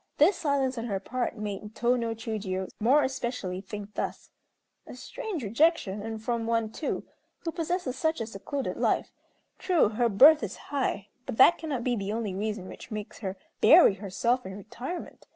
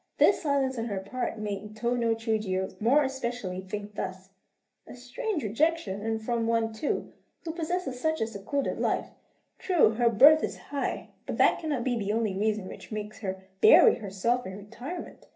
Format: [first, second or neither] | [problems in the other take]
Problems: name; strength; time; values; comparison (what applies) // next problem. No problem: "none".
first | room echo; dies away in 0.3 s